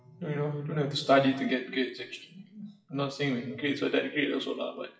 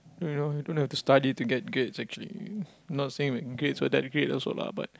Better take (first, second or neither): second